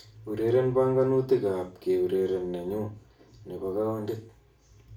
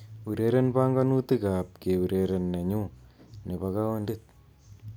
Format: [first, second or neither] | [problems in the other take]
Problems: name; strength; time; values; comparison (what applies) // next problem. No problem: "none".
second | room echo; dies away in 0.3 s